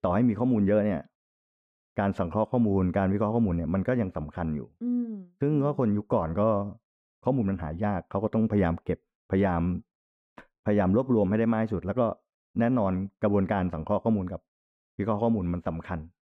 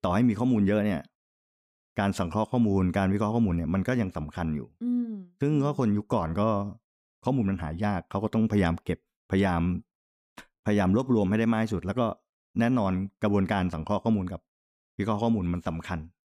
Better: second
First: muffled; very; fading above 3 kHz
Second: none

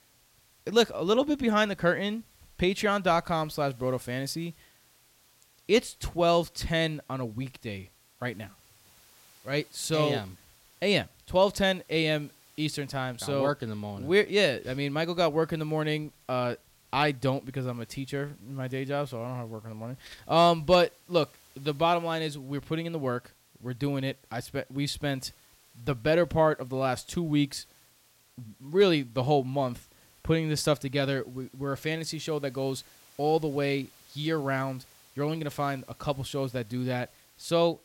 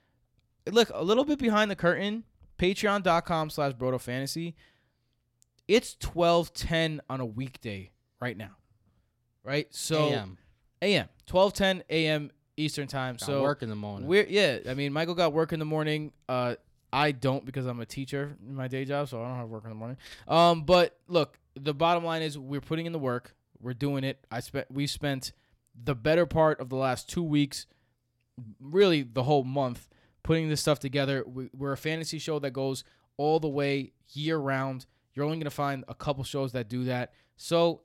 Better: second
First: hiss; faint; throughout; 30 dB below the speech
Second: none

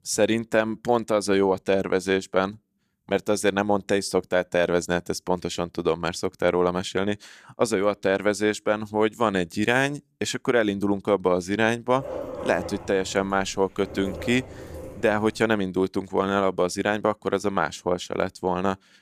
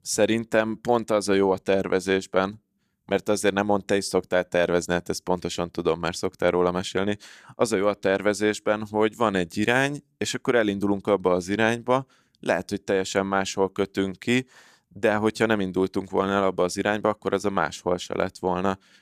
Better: second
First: dog barking; noticeable; from 12 to 15 s; peak 8 dB below the speech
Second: none

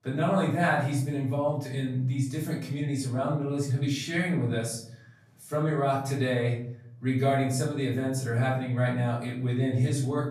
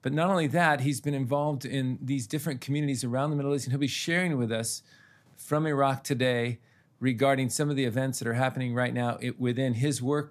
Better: second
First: off-mic speech; far // room echo; noticeable; dies away in 0.6 s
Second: none

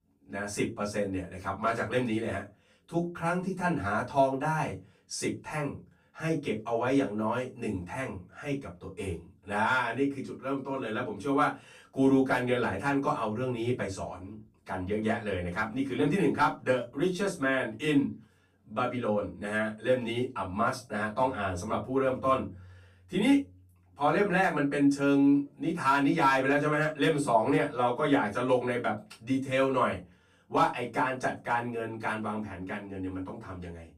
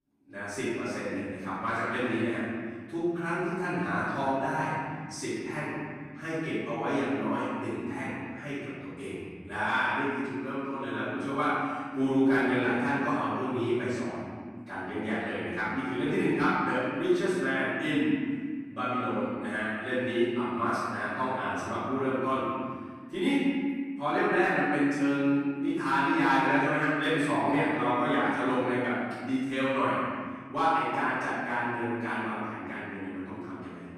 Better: first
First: room echo; slight; dies away in 0.2 s // off-mic speech; far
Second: room echo; strong; dies away in 1.9 s // off-mic speech; far

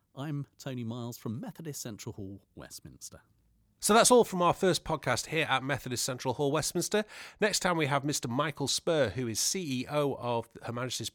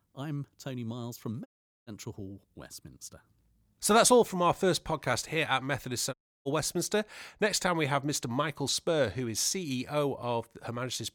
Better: first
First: none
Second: audio cutting out; at 1.5 s and at 6 s

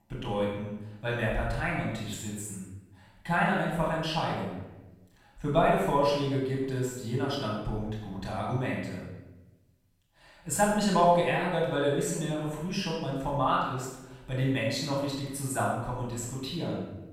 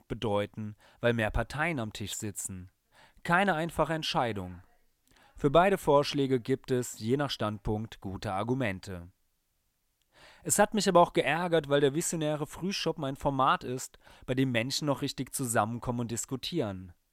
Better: second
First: off-mic speech; far // room echo; noticeable; dies away in 0.8 s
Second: none

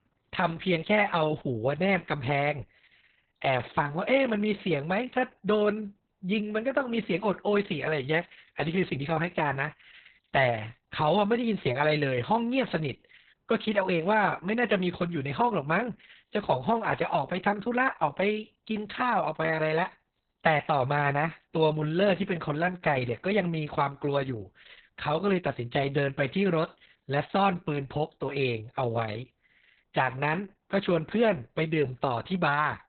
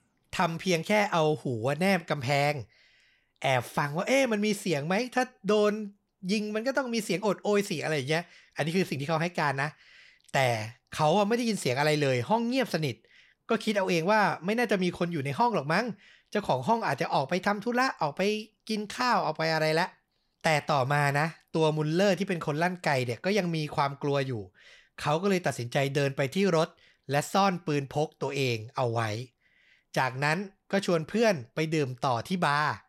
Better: second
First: garbled, watery; badly; nothing above 4 kHz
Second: none

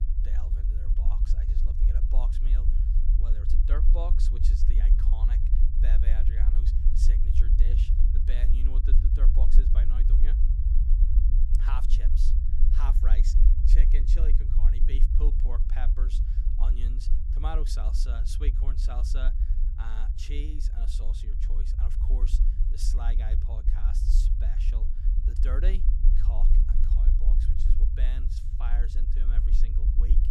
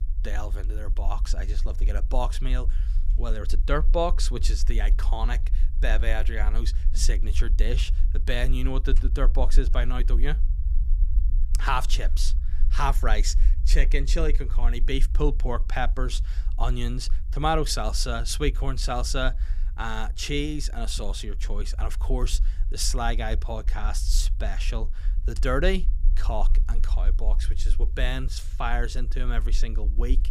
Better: second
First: low rumble; loud; throughout; 3 dB below the speech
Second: low rumble; faint; throughout; 20 dB below the speech

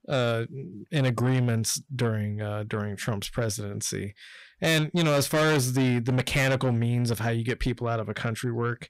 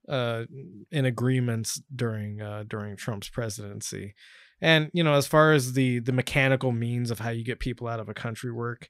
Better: second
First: distortion; heavy; 6 dB below the speech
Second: none

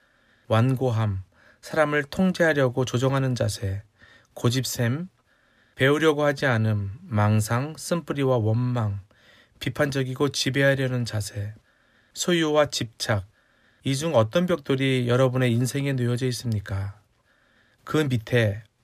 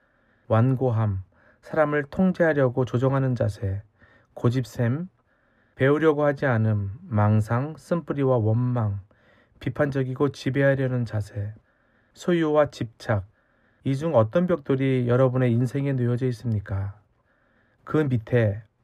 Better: first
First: none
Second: muffled; very; fading above 2.5 kHz

